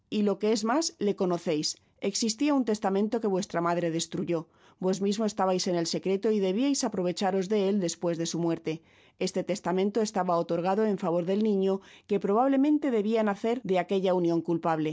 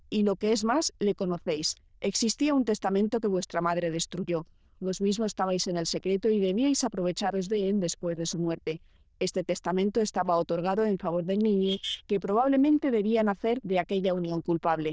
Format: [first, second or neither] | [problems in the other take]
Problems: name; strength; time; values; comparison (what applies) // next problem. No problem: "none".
first | noise reduction (neural diffusion model UNIVERSE++)